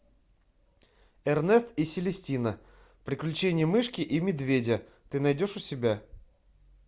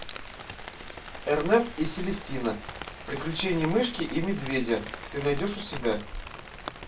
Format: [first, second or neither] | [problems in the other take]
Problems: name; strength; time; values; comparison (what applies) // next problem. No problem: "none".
first | background sound (Rain); 12 dB below the speech // room echo; dies away in 0.2 s